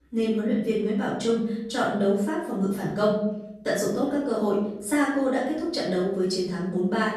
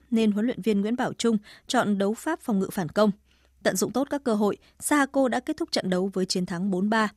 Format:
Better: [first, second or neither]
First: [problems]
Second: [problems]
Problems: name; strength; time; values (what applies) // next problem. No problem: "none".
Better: second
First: off-mic speech; far // room echo; noticeable; dies away in 0.7 s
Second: none